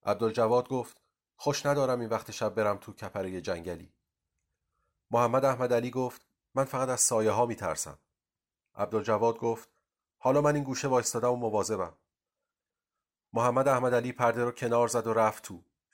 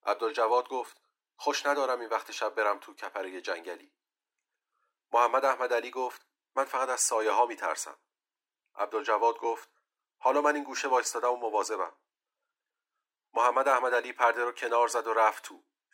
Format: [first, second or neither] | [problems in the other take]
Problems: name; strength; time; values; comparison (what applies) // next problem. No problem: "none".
first | thin; somewhat; fading below 300 Hz